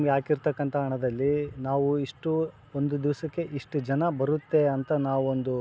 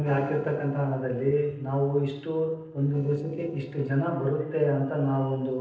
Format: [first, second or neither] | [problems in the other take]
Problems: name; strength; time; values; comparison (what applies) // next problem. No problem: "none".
first | noise reduction (neural separator model SepFormer DNS4)